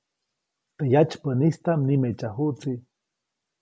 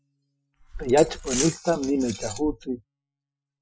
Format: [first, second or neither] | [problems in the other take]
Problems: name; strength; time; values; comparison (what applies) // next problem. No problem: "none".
first | noise reduction (classical method Wiener filter)